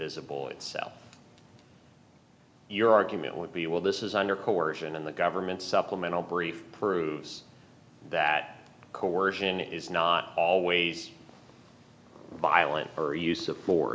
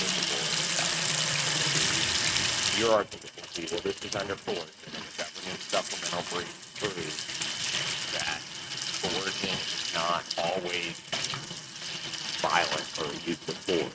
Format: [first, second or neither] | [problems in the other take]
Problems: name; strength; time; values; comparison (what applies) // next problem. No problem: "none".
first | noise reduction (neural mask model RNNoise)